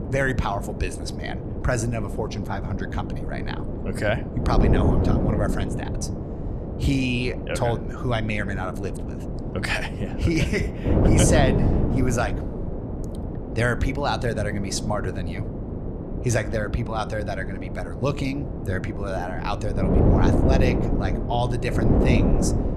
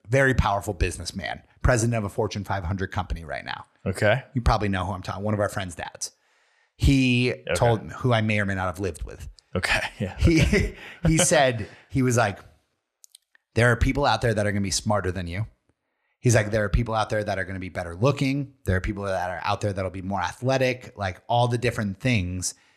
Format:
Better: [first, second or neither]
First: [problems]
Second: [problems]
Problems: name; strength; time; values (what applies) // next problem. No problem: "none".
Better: second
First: wind noise on the microphone; heavy; 4 dB below the speech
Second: none